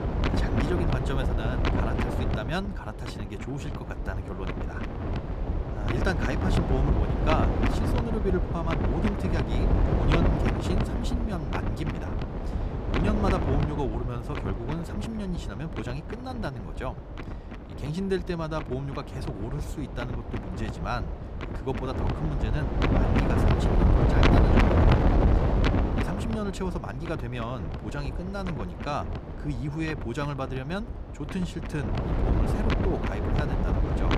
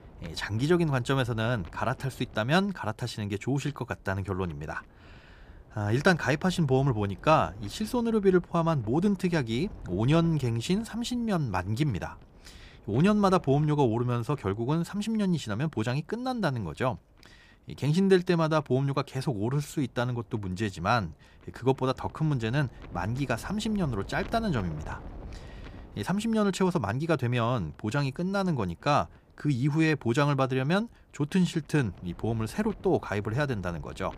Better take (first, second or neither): second